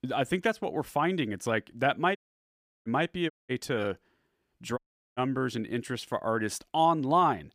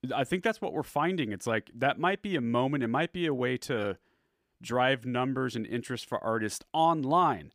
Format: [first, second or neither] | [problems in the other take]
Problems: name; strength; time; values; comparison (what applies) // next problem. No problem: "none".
second | audio cutting out; at 2 s for 0.5 s, at 3.5 s and at 5 s